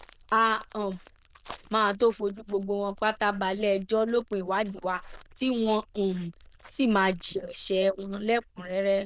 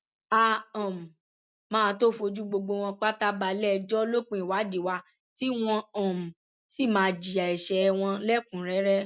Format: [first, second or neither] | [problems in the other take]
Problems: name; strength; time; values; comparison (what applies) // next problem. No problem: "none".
second | noise reduction (neural diffusion model UNIVERSE++)